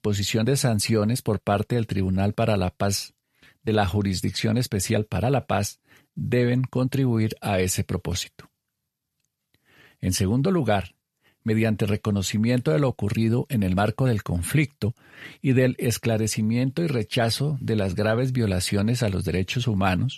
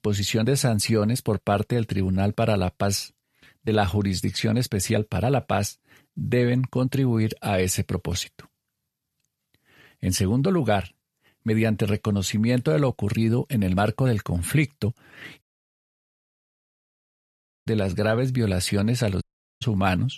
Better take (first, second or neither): first